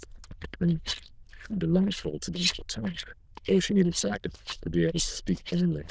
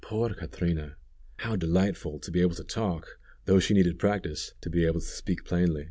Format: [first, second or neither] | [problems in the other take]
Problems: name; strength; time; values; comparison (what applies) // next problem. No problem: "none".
second | noise reduction (neural diffusion model UNIVERSE++)